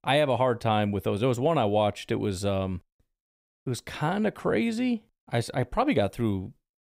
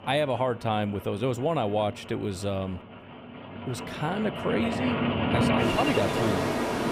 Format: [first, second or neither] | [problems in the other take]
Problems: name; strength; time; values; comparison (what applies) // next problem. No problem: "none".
first | rain or running water; very loud; throughout; 2 dB above the speech